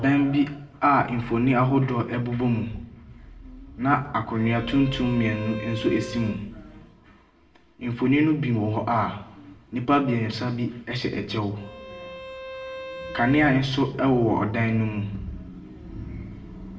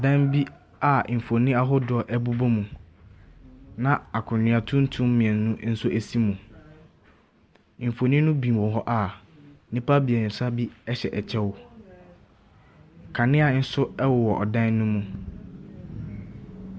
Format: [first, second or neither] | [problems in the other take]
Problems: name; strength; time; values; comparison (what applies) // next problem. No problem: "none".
second | background sound (Bowed string instrument); 15 dB below the speech // room echo; dies away in 0.6 s